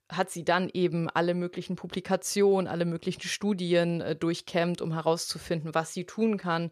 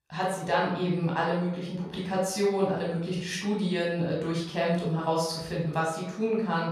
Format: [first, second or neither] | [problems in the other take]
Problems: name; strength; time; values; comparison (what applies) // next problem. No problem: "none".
first | off-mic speech; far // room echo; noticeable; dies away in 0.7 s